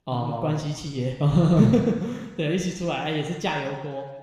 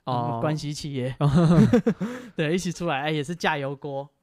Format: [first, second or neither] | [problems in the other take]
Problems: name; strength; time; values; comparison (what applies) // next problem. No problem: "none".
second | room echo; noticeable; dies away in 1.1 s